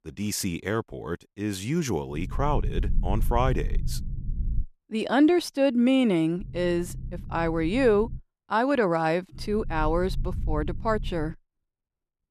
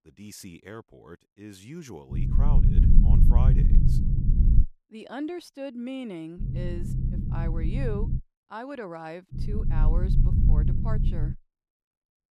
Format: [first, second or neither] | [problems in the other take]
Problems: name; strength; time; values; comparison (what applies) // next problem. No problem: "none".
first | low rumble; loud; from 2 to 4.5 s, from 6.5 to 8 s and from 9.5 to 11 s; as loud as the speech; faint in the first